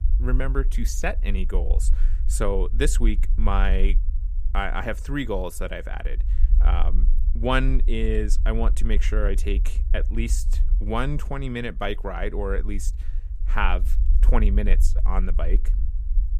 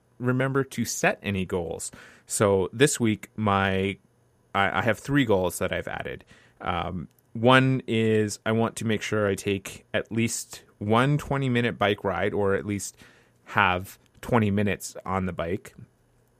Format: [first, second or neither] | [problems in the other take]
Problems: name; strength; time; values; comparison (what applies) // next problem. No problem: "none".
second | low rumble; noticeable; throughout; 20 dB below the speech